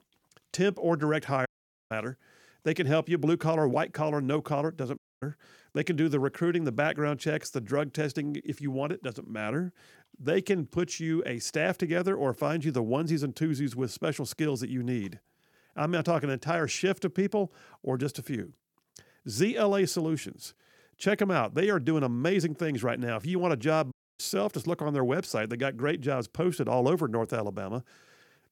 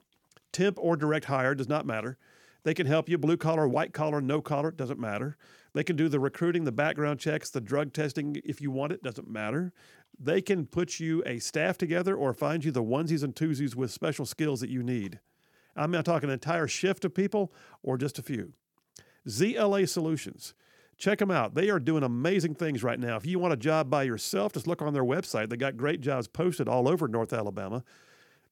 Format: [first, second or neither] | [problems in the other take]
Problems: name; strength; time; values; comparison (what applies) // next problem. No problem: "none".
second | audio cutting out; at 1.5 s, at 5 s and at 24 s